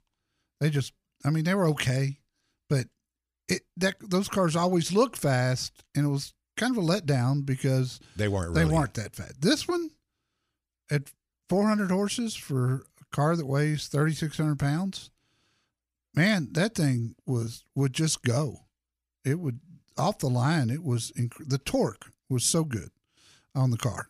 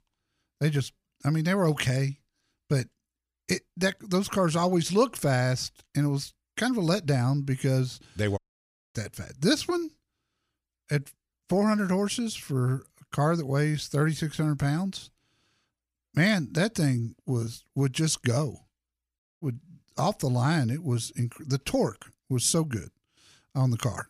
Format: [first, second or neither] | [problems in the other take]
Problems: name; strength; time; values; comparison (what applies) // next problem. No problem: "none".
first | audio cutting out; at 8.5 s for 0.5 s and at 19 s